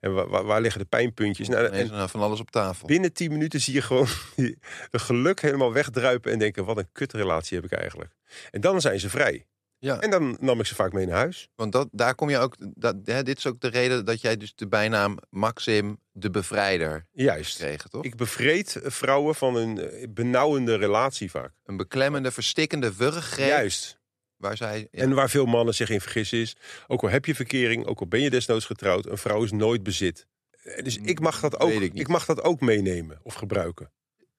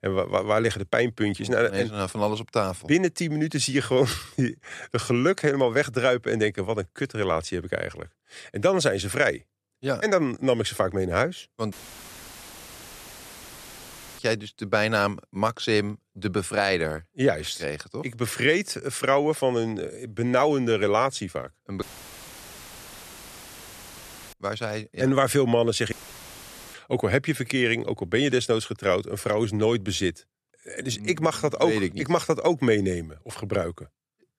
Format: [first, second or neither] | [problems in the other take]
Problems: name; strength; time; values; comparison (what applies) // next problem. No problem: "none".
first | audio cutting out; filled with static; at 12 s for 2.5 s, at 22 s for 2.5 s and at 26 s for 1 s